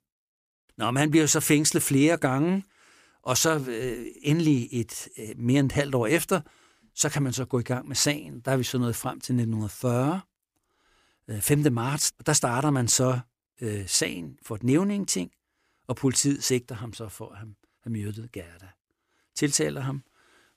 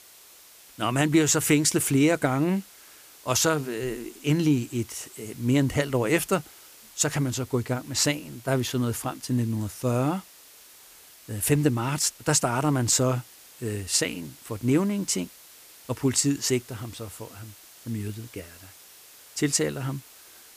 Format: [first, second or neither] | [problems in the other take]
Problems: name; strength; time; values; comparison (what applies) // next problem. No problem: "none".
first | hiss; faint; throughout; 20 dB below the speech